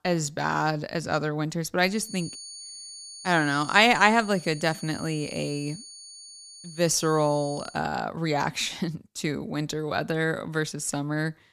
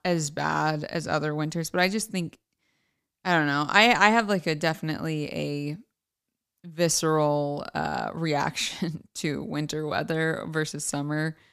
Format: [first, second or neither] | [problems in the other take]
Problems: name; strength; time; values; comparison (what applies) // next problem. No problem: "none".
second | high-pitched whine; noticeable; from 2 to 7.5 s; 4.5 kHz, 15 dB below the speech